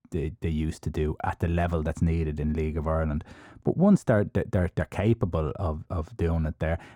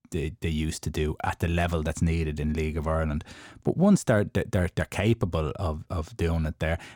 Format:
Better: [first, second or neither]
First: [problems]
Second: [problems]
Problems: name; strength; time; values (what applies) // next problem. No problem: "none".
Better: second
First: muffled; slightly; fading above 2 kHz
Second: none